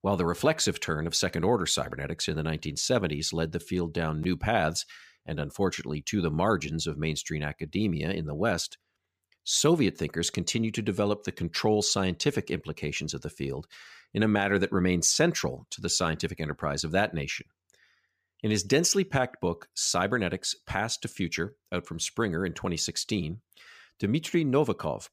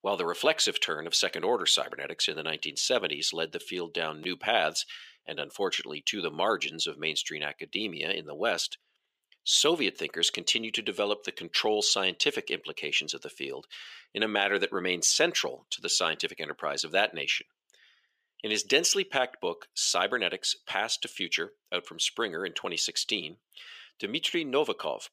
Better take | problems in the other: first | thin; somewhat; fading below 450 Hz

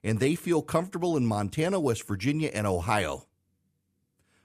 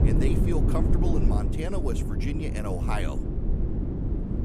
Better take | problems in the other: first | low rumble; loud; throughout; 1 dB below the speech

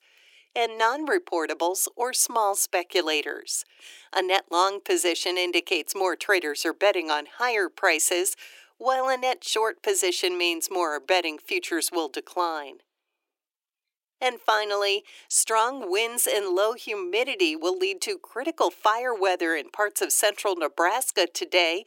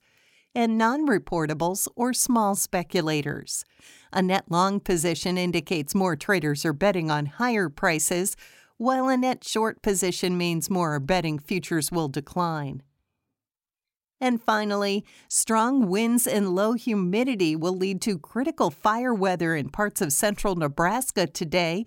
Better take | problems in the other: second | thin; very; fading below 350 Hz

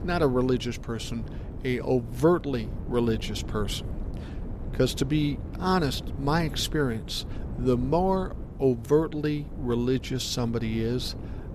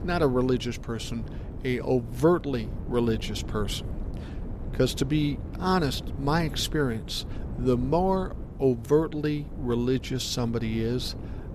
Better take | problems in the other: neither | wind noise on the microphone; occasional gusts; 15 dB below the speech; the same in both

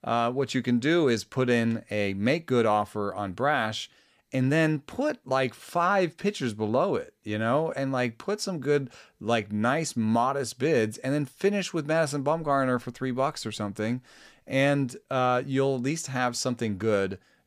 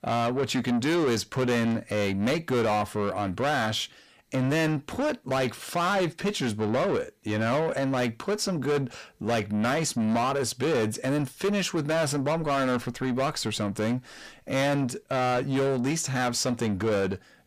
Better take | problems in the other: first | distortion; heavy; 8 dB below the speech

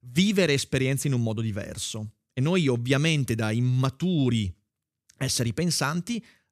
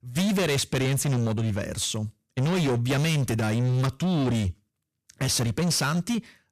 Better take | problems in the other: first | distortion; heavy; 27% of the sound clipped

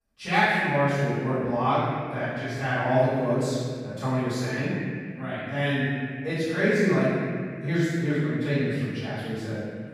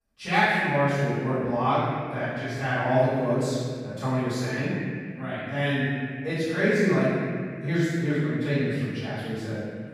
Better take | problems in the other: neither | off-mic speech; far; the same in both // room echo; strong; dies away in 2.3 s; the same in both

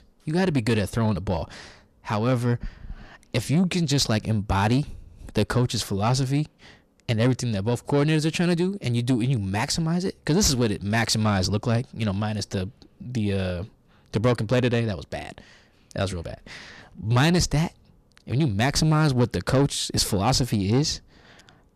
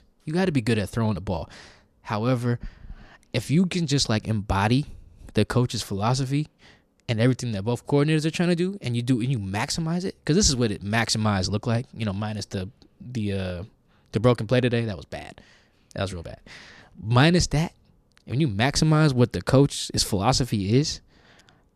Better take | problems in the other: second | distortion; slight; 10 dB below the speech

